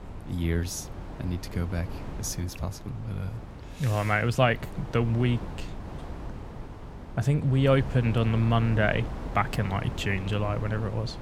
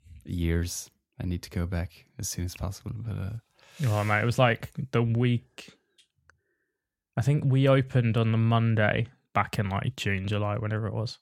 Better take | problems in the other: second | wind noise on the microphone; occasional gusts; 15 dB below the speech

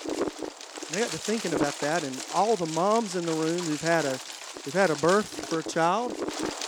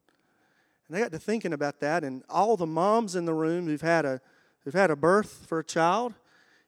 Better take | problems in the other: second | wind noise on the microphone; heavy; 8 dB below the speech

